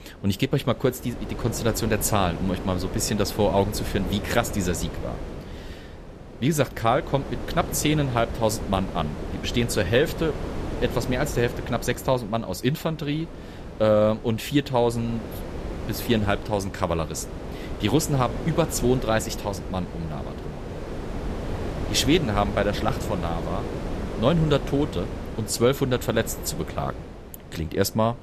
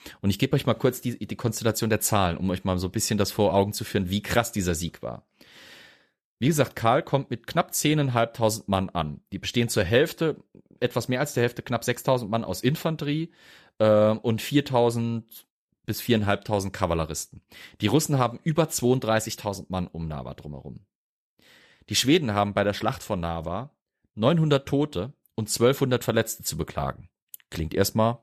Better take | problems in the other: second | wind noise on the microphone; occasional gusts; 10 dB below the speech

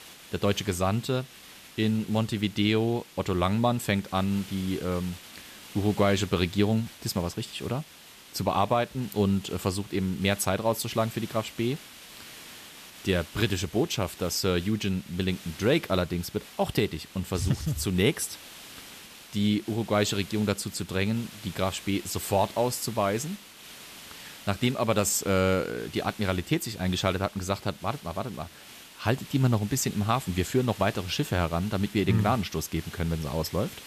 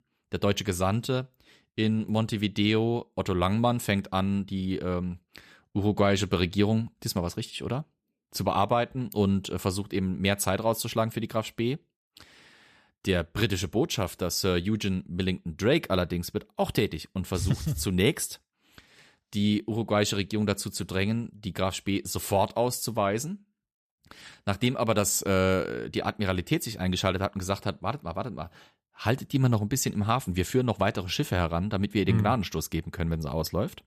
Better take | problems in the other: second | hiss; noticeable; throughout; 15 dB below the speech

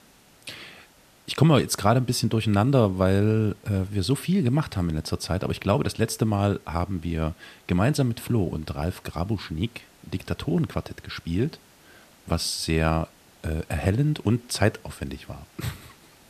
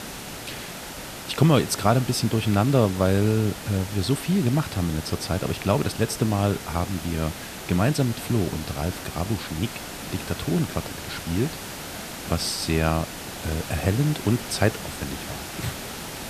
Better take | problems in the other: first | hiss; loud; throughout; 10 dB below the speech; faint in the first

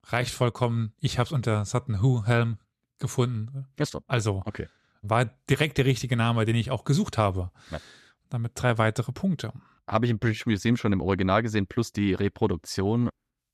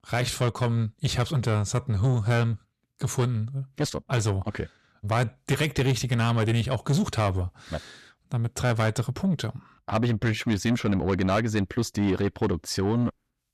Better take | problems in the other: first | distortion; slight; 10 dB below the speech

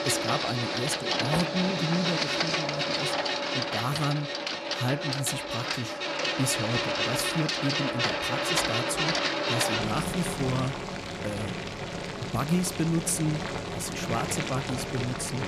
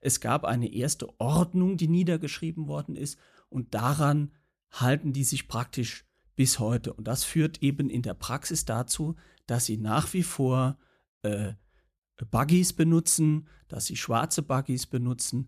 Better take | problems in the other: second | household noises; very loud; throughout; 2 dB above the speech

